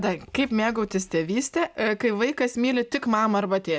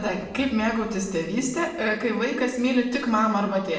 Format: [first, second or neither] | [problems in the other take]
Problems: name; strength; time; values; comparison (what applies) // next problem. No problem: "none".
first | room echo; dies away in 0.8 s